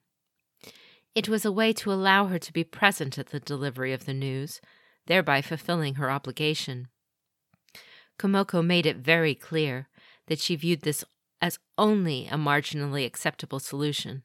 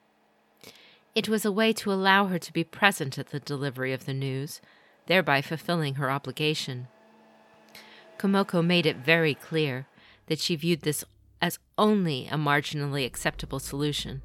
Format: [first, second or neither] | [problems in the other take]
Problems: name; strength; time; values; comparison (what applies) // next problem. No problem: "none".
first | traffic noise; faint; throughout; 30 dB below the speech